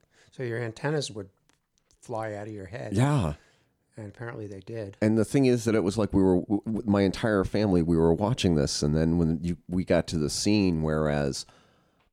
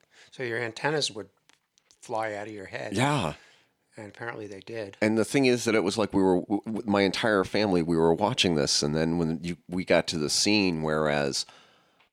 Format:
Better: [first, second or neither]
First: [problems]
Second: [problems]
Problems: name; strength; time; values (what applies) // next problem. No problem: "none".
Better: first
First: none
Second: thin; very slightly; fading below 600 Hz